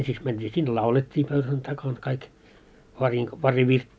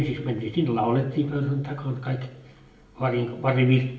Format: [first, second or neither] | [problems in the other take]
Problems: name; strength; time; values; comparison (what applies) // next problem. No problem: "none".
first | room echo; dies away in 0.7 s